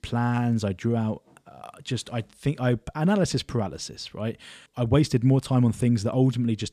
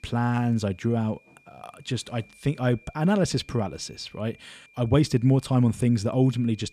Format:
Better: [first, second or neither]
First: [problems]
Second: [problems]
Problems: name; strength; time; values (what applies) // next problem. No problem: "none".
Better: first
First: none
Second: high-pitched whine; faint; throughout; 2.5 kHz, 30 dB below the speech